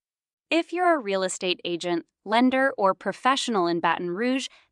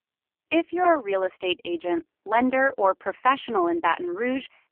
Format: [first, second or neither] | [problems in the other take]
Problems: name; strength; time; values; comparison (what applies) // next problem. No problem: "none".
first | phone-call audio; poor line; nothing above 3 kHz